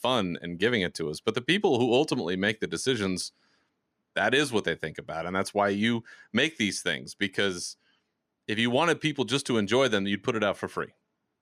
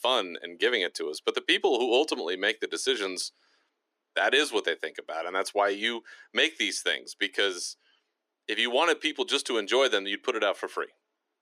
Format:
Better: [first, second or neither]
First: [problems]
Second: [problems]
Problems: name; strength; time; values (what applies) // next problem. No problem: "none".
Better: first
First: none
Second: thin; somewhat; fading below 300 Hz